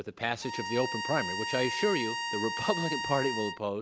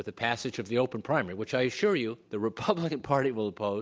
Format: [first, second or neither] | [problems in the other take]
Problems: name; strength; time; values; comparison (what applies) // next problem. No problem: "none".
second | background sound (Bowed string instrument); 4 dB below the speech